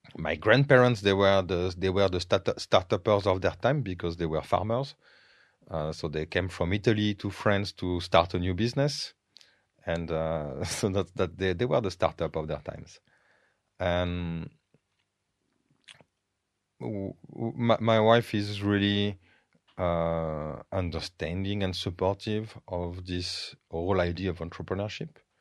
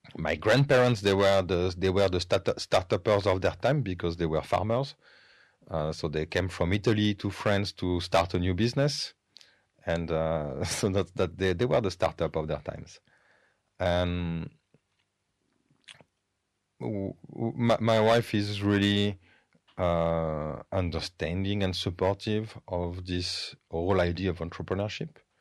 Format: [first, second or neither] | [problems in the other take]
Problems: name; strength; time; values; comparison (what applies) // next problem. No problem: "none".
first | distortion; slight; 1.6% of the sound clipped